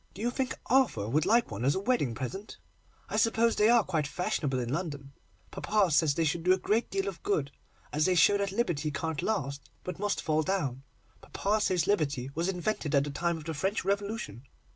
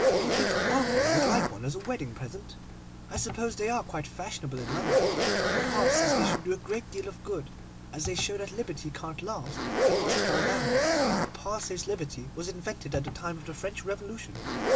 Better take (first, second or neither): first